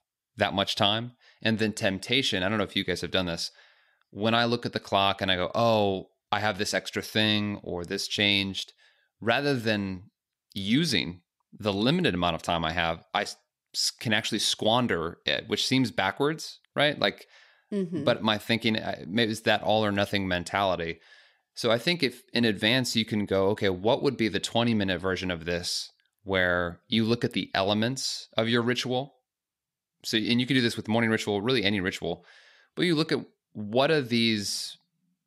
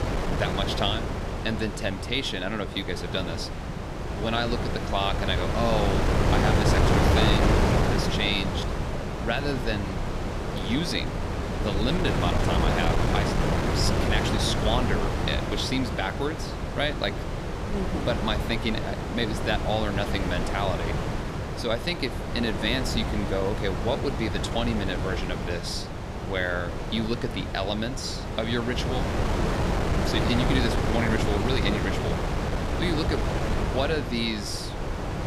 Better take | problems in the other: first | wind noise on the microphone; heavy; 1 dB below the speech

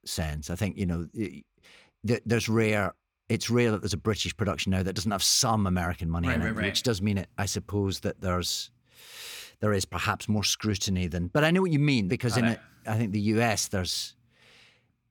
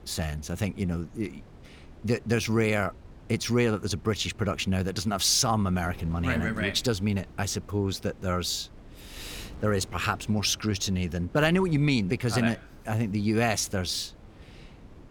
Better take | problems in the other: first | wind noise on the microphone; occasional gusts; 25 dB below the speech

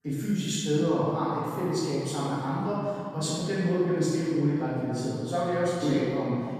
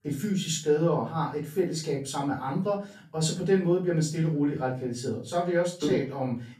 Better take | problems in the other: second | room echo; strong; dies away in 2.2 s; slight in the second // off-mic speech; far; far in the second

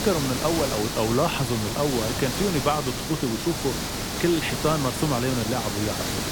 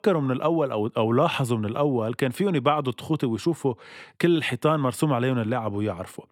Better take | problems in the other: second | hiss; loud; throughout; 2 dB below the speech

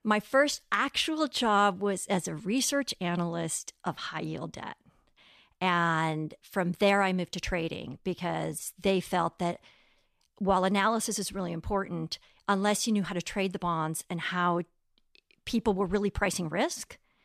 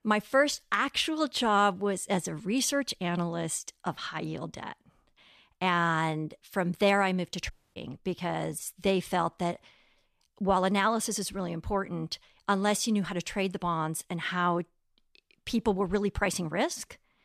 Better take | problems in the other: first | audio cutting out; at 7.5 s

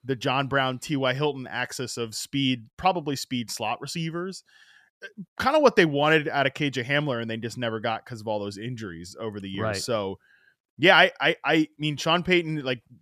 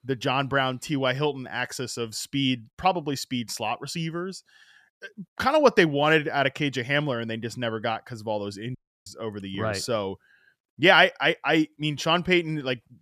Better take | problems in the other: first | audio cutting out; at 9 s

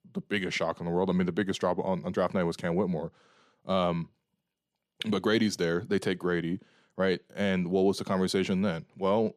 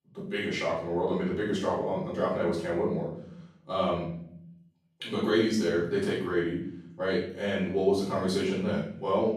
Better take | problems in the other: first | off-mic speech; far // room echo; noticeable; dies away in 0.6 s

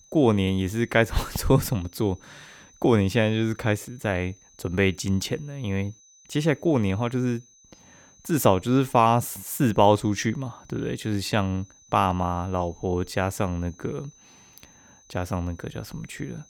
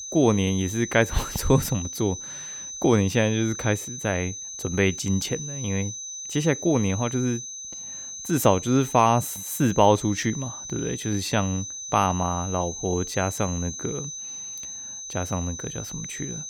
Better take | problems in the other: first | high-pitched whine; loud; throughout; 6 kHz, 8 dB below the speech; faint in the first

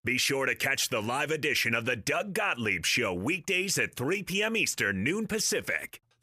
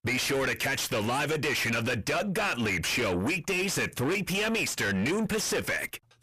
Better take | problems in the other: first | distortion; heavy; 5 dB below the speech

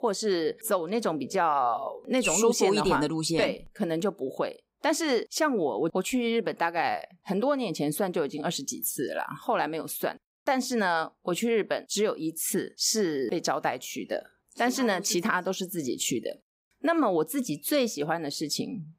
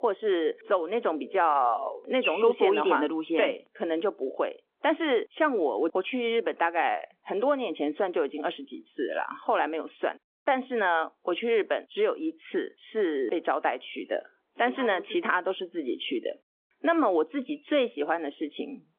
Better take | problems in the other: first | phone-call audio; nothing above 3.5 kHz

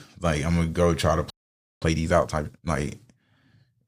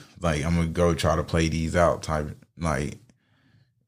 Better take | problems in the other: second | audio freezing; at 1.5 s for 0.5 s

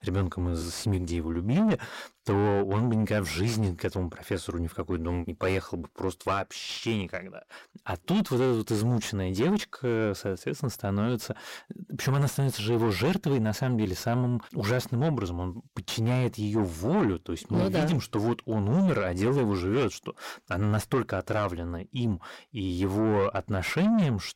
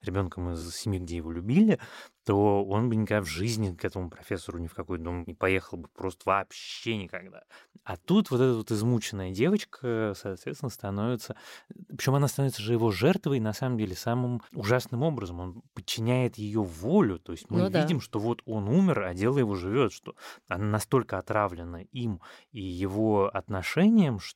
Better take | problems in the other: second | distortion; heavy; 7 dB below the speech

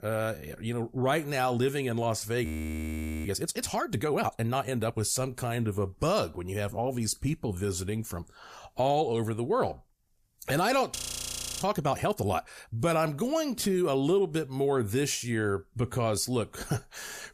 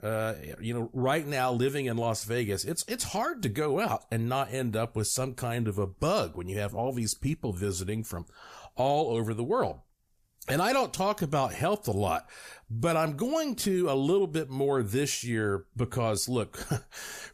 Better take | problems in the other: second | audio freezing; at 2.5 s for 1 s and at 11 s for 0.5 s

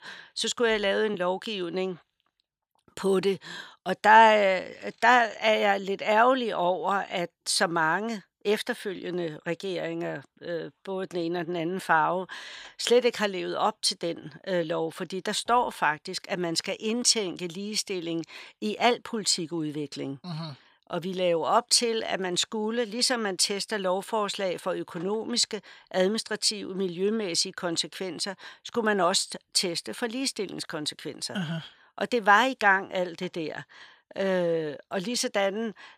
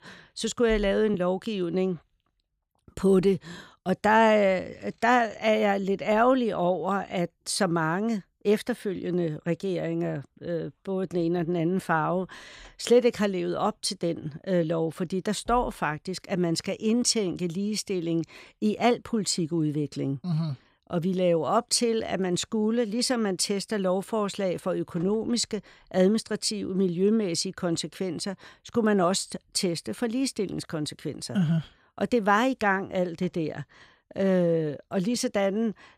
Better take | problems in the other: second | thin; somewhat; fading below 950 Hz

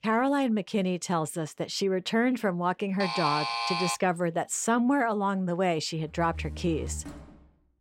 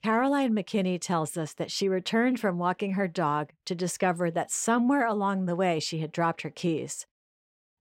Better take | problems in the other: second | alarm; noticeable; at 3 s; peak 1 dB below the speech // door banging; faint; from 6 s on; peak 10 dB below the speech

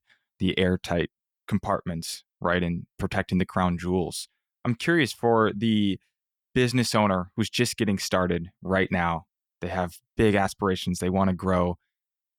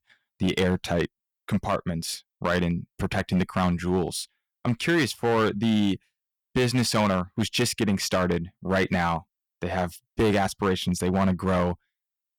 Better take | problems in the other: first | distortion; slight; 7% of the sound clipped

